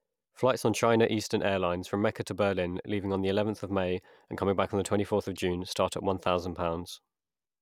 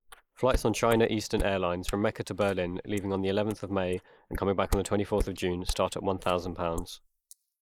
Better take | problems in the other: first | noise reduction (neural mask model Resemble Enhance denoiser)

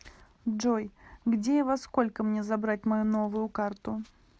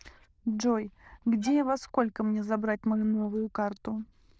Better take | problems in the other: first | noise reduction (neural diffusion model UNIVERSE++)

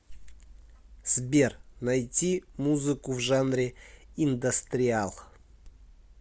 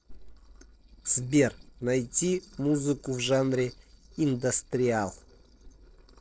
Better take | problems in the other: first | noise reduction (neural separator model SepFormer DNS4)

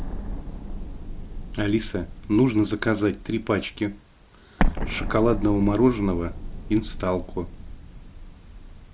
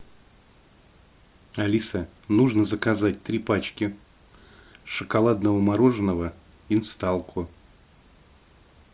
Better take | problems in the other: second | background sound (Explosion); 5 dB below the speech

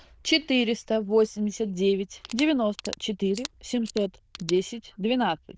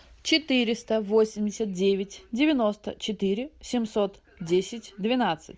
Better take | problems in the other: second | noise reduction (neural diffusion model UNIVERSE++)

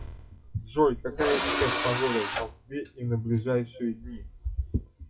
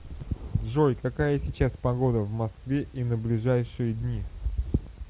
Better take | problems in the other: second | noise reduction (classical method WPE with log-MMSE)

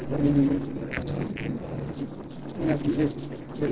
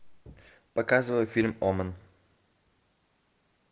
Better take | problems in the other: second | noise reduction (neural separator model SepFormer DNS4)

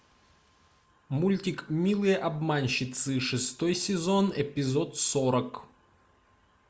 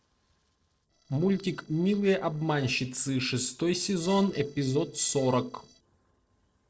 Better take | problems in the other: first | noise reduction (neural separator model SepFormer DNS4)

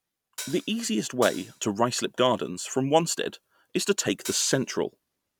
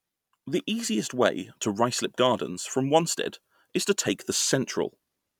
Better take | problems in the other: second | background sound (Hi-hat); 14 dB below the speech

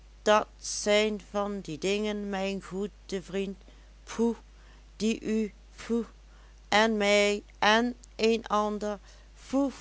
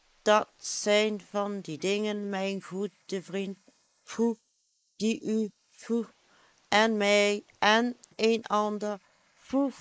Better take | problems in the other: first | noise reduction (neural mask model Resemble Enhance denoiser)

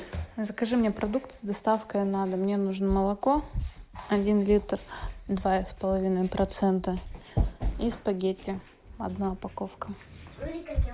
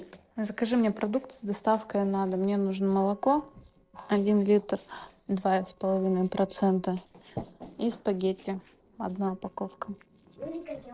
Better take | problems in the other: first | noise reduction (neural separator model SepFormer DNS4)

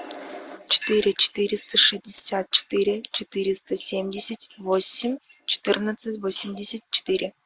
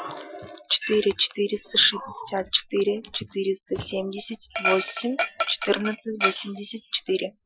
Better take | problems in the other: first | noise reduction (classical method Wiener filter)

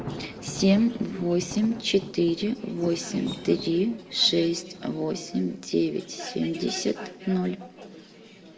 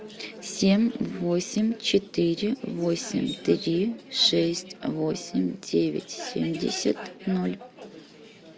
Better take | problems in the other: second | background sound (Thunder); 17 dB below the speech // room echo; dies away in 1.8 s

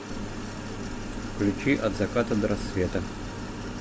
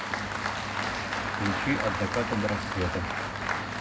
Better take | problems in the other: first | background sound (Applause); as loud as the speech // room echo; dies away in 0.3 s

